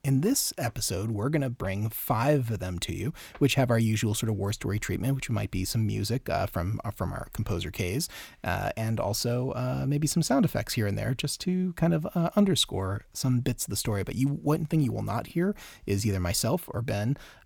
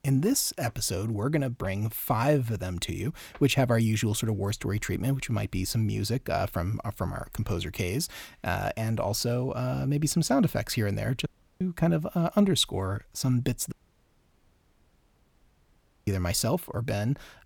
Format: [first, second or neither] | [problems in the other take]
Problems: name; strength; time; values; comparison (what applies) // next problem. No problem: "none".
first | audio cutting out; at 11 s and at 14 s for 2.5 s